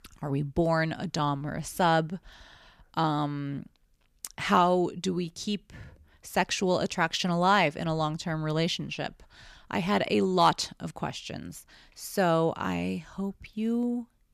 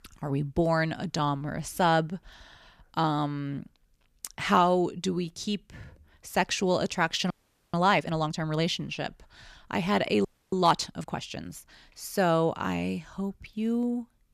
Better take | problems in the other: first | audio freezing; at 7.5 s and at 10 s

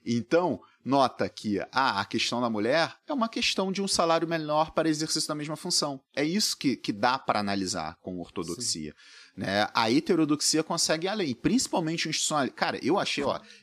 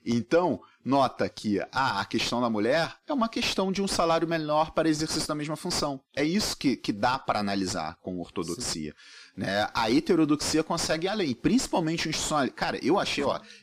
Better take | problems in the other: first | distortion; slight; 8 dB below the speech

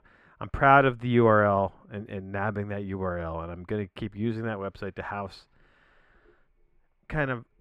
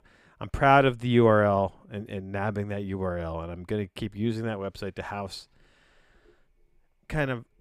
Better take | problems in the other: second | muffled; slightly; fading above 4 kHz

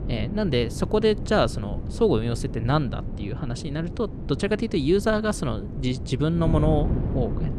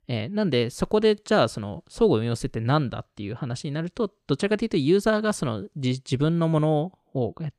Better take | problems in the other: second | wind noise on the microphone; occasional gusts; 15 dB below the speech

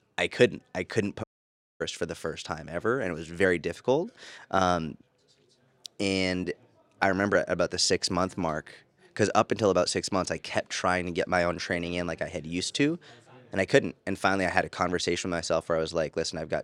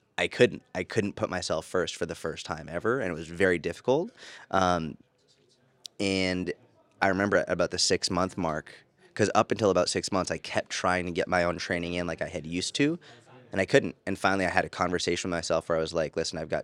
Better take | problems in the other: second | audio cutting out; at 1 s for 0.5 s

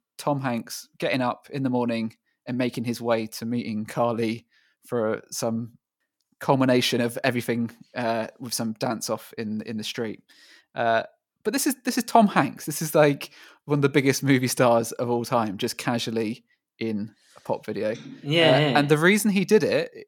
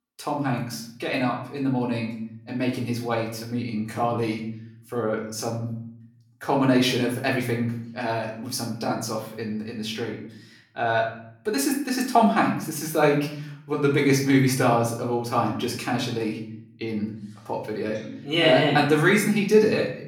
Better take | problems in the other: first | room echo; slight; dies away in 0.6 s // off-mic speech; far

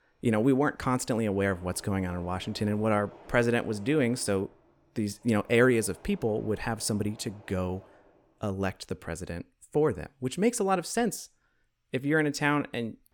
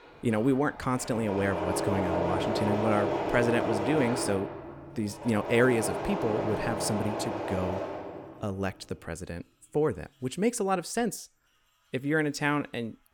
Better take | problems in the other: first | machinery noise; loud; throughout; 2 dB below the speech; faint in the first

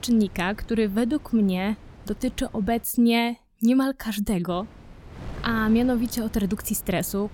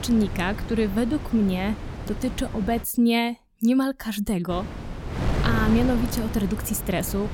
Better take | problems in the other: first | wind noise on the microphone; heavy; until 3 s and from 4.5 s on; 8 dB below the speech; occasional gusts in the first

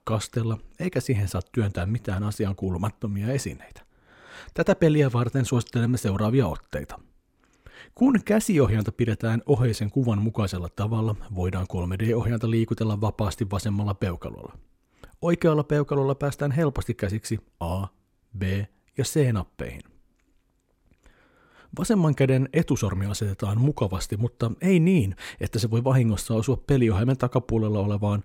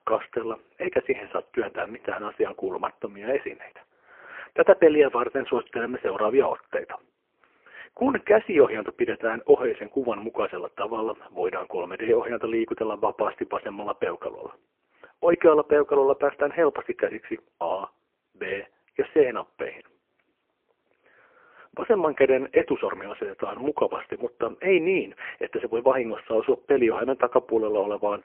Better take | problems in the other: first | phone-call audio; poor line

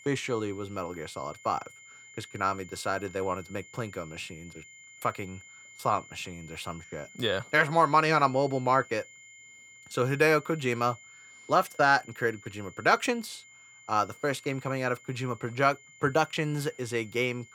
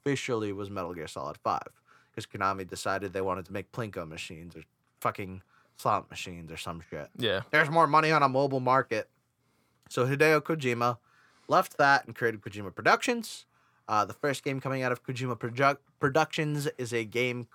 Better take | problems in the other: second | high-pitched whine; faint; throughout; 2 kHz, 20 dB below the speech

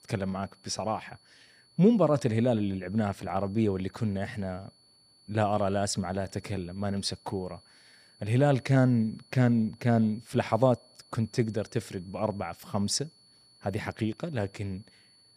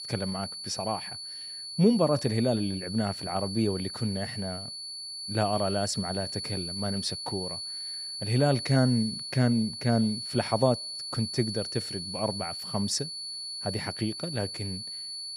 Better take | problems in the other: first | high-pitched whine; loud; throughout; 4.5 kHz, 5 dB below the speech; faint in the first

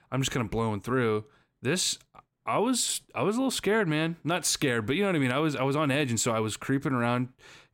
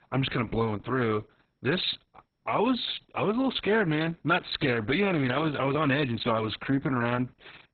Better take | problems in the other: first | garbled, watery; badly; nothing above 4 kHz

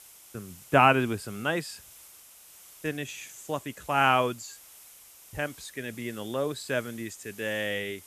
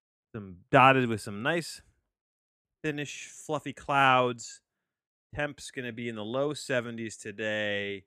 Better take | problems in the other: second | hiss; faint; throughout; 20 dB below the speech

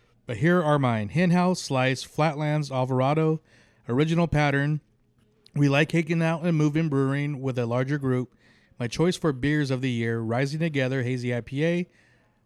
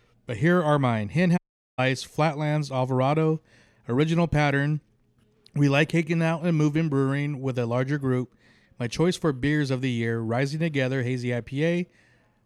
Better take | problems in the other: first | audio cutting out; at 1.5 s

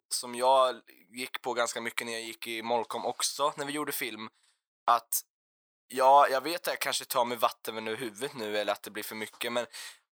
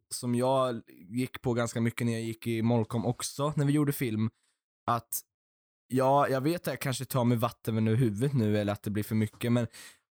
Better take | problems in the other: second | thin; very; fading below 700 Hz

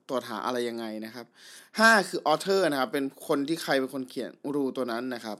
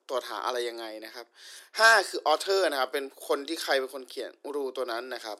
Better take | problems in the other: first | thin; very; fading below 350 Hz

